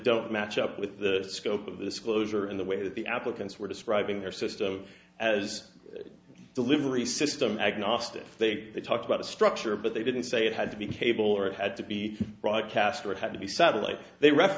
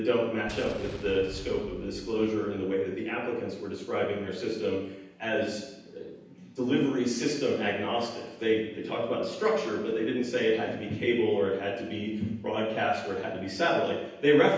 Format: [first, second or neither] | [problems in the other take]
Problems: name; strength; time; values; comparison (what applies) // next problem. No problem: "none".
first | background sound (Explosion); 16 dB below the speech // room echo; dies away in 0.9 s